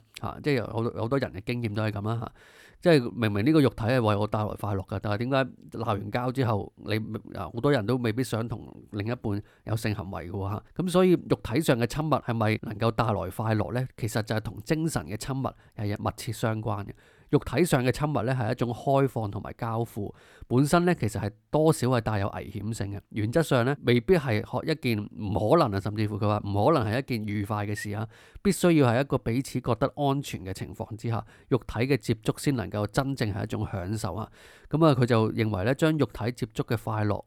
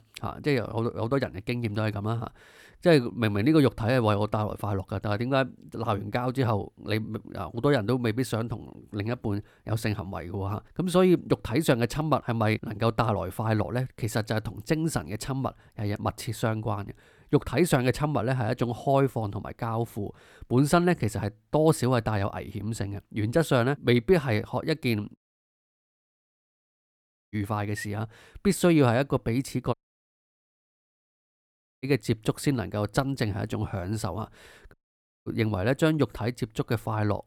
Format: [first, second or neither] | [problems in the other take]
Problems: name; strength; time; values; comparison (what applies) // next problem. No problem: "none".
first | audio cutting out; at 25 s for 2 s, at 30 s for 2 s and at 35 s for 0.5 s